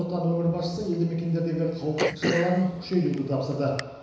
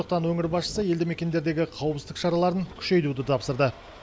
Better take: second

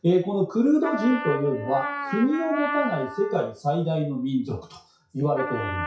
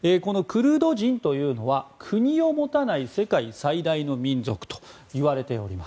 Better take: second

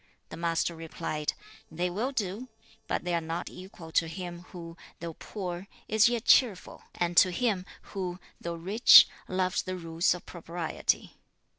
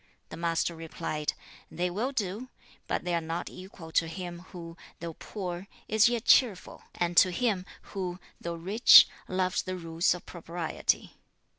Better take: second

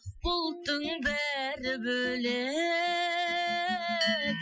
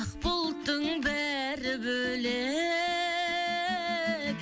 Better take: second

